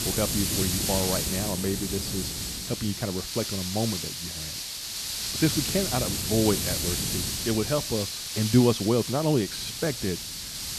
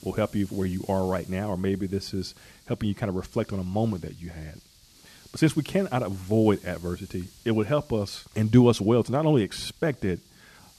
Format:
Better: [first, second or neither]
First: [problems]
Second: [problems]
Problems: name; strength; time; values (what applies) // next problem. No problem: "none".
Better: second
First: hiss; loud; throughout; 1 dB below the speech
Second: hiss; faint; throughout; 25 dB below the speech